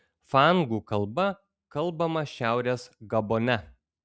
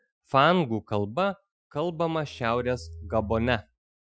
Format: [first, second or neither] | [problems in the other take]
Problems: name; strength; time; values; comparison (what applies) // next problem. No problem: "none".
first | noise reduction (classical method Wiener filter)